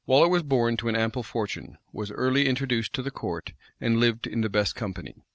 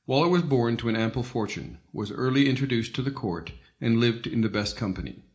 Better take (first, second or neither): first